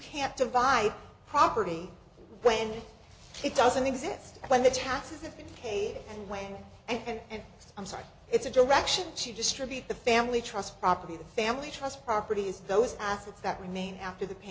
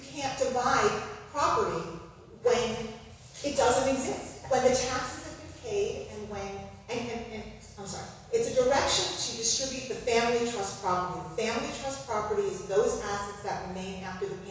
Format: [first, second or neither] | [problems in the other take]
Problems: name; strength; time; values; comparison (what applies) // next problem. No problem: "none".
first | room echo; dies away in 1.1 s